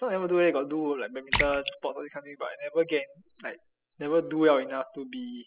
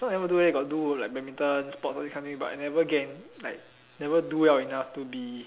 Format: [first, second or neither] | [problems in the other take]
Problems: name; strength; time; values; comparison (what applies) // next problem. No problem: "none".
second | noise reduction (classical method spectral subtraction)